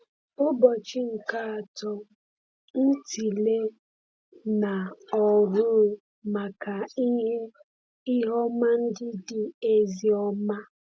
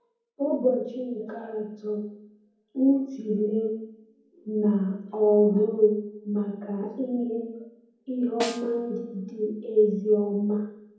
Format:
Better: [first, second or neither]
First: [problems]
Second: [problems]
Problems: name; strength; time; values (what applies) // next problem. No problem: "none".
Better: first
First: none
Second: background sound (Snare drum); 12 dB below the speech // room echo; dies away in 1.2 s